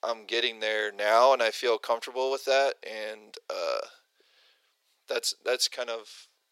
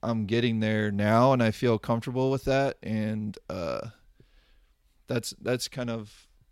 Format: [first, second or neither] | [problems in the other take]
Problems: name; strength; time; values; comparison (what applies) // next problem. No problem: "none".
second | thin; very; fading below 450 Hz